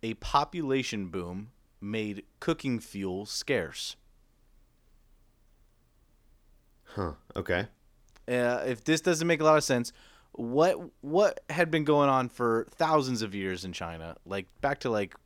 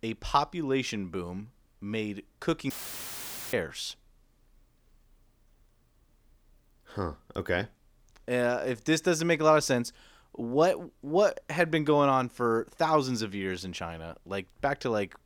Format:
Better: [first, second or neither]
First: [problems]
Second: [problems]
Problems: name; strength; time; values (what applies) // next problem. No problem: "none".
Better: first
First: none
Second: audio cutting out; filled with static; at 2.5 s for 1 s